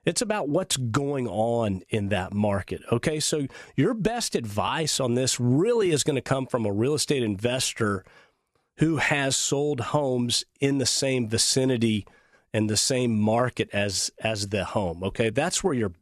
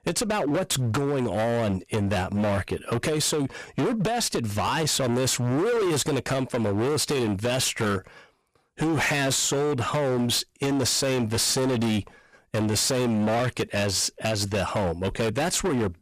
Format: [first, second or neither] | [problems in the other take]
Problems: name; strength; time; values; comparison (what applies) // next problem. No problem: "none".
first | distortion; heavy; 30% of the sound clipped